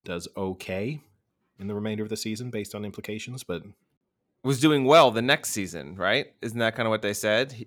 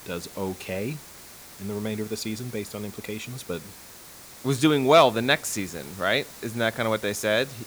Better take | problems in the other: first | hiss; noticeable; throughout; 15 dB below the speech

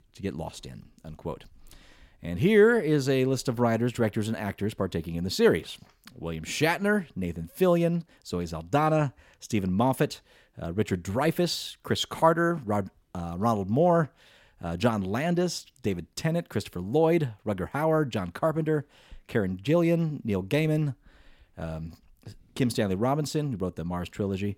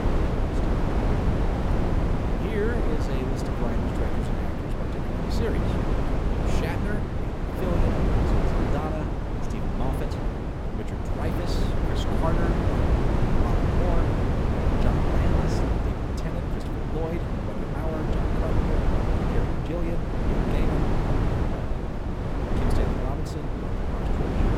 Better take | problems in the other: first | wind noise on the microphone; heavy; 5 dB above the speech

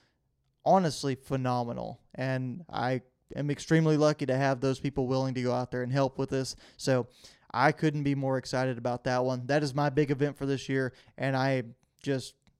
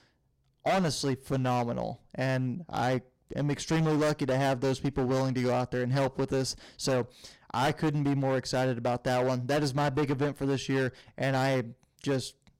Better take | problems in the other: first | distortion; heavy; 15% of the sound clipped

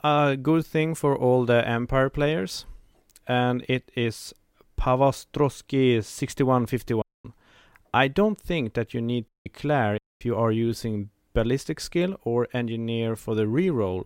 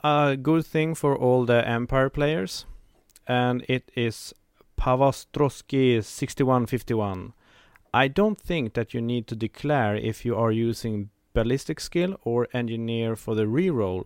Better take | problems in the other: second | audio cutting out; at 7 s, at 9.5 s and at 10 s

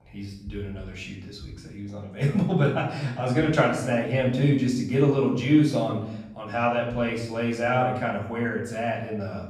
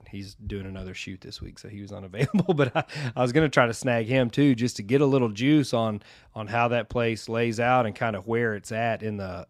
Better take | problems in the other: second | off-mic speech; far // room echo; noticeable; dies away in 0.7 s

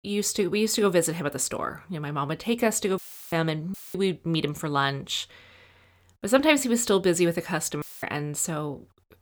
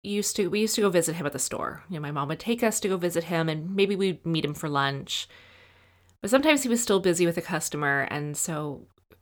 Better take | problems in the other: second | audio cutting out; filled with static; at 3 s, at 3.5 s and at 8 s

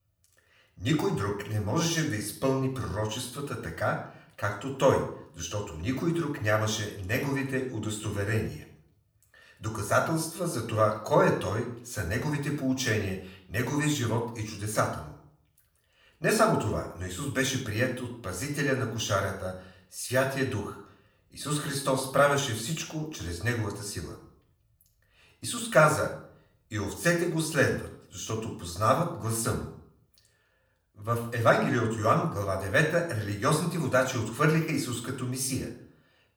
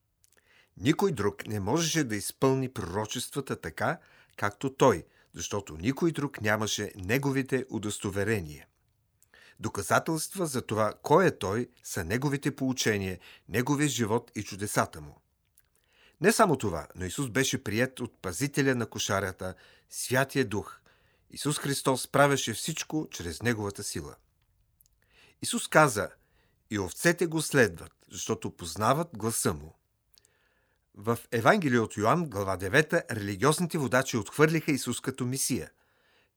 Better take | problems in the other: second | room echo; slight; dies away in 0.5 s // off-mic speech; far

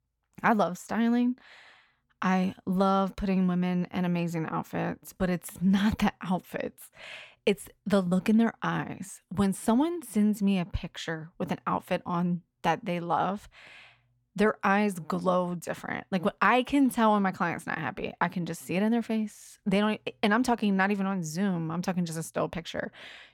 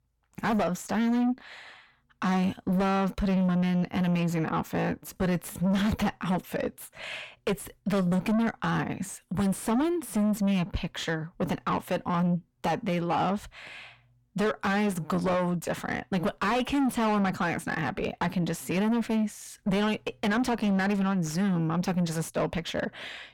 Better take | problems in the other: first | distortion; heavy; 7 dB below the speech

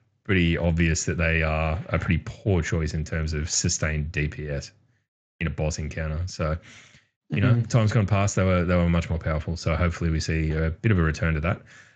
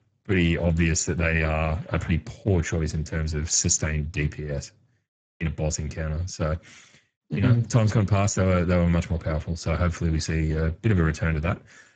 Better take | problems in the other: first | garbled, watery; badly; nothing above 7.5 kHz; slightly in the first

